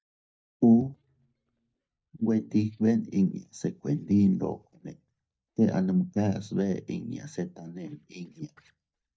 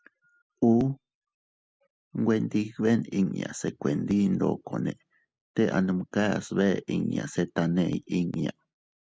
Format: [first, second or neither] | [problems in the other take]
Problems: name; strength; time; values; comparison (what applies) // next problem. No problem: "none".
second | noise reduction (neural mask model DeepFilterNet 3)